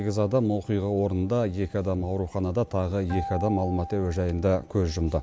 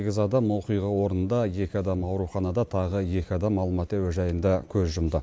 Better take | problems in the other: second | background sound (Acoustic guitar); 16 dB below the speech

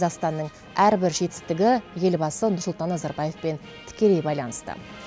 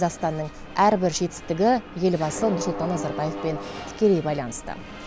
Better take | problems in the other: first | background sound (Mechanisms); 11 dB below the speech

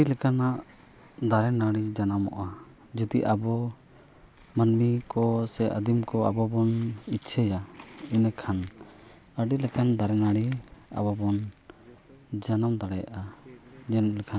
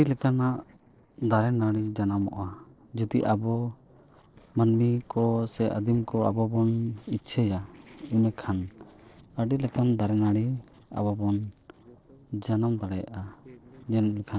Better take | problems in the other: first | noise reduction (neural separator model SepFormer DNS4)

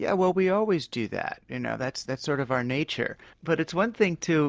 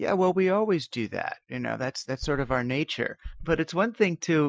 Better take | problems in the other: first | noise reduction (classical method Wiener filter)

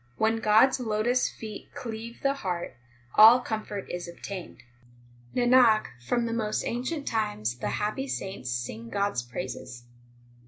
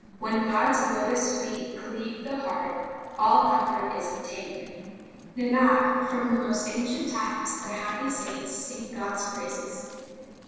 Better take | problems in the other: first | noise reduction (neural separator model SepFormer DNS4)

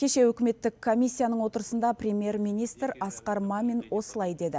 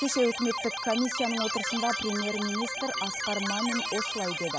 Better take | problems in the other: first | background sound (Keyboard (musical)); 2 dB below the speech

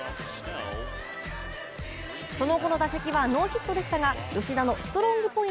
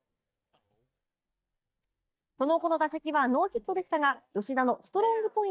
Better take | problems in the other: first | noise reduction (neural mask model DeepFilterNet 3)

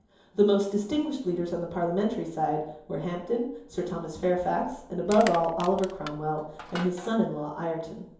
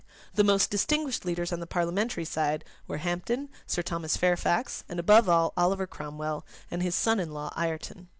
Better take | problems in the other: second | background sound (Crushing); 14 dB below the speech // room echo; dies away in 2.8 s

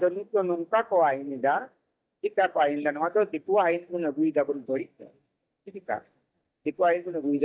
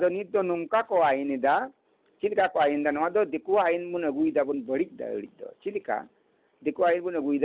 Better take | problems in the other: second | noise reduction (neural mask model DeepFilterNet 3)

